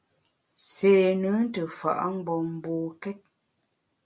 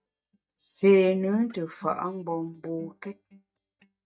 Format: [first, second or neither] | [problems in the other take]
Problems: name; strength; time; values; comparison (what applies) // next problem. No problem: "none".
first | noise reduction (neural mask model DeepFilterNet 3)